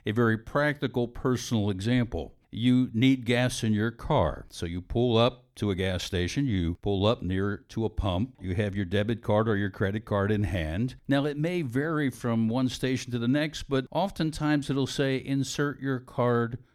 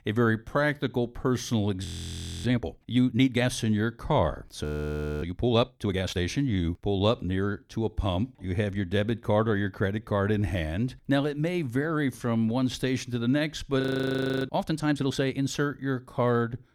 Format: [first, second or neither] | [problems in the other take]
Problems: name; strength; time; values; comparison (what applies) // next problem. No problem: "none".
first | audio freezing; at 2 s for 0.5 s, at 4.5 s for 0.5 s and at 14 s for 0.5 s